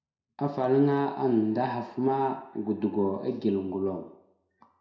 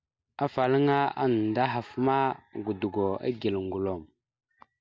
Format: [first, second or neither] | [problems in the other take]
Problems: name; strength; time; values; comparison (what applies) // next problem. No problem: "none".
second | room echo; dies away in 0.6 s